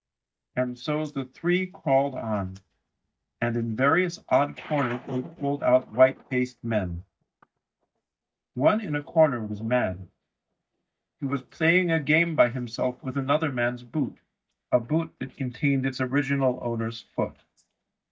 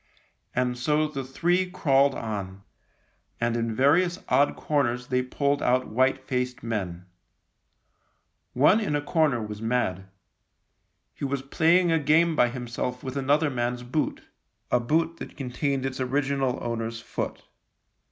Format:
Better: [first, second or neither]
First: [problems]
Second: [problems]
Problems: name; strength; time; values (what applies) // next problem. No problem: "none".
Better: second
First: noise reduction (neural mask model DeepFilterNet 3)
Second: none